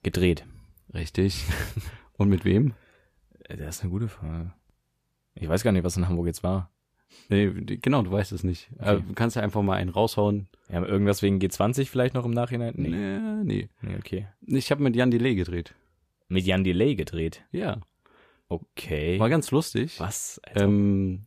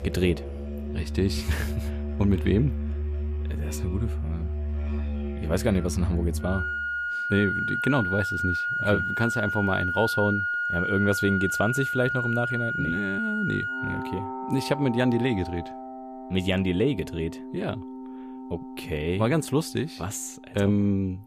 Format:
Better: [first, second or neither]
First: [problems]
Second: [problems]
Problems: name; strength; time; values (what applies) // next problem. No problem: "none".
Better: first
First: none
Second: background music; loud; throughout; 3 dB below the speech